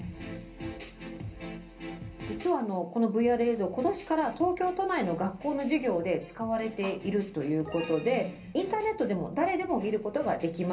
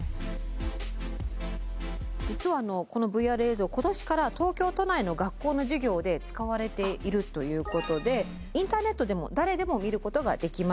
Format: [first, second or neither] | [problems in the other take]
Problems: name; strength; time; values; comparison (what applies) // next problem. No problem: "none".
second | room echo; dies away in 0.3 s